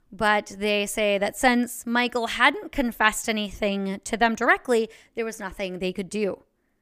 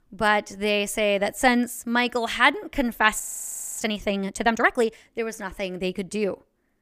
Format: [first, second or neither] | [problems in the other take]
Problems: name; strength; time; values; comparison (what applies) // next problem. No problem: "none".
first | audio freezing; at 3 s for 0.5 s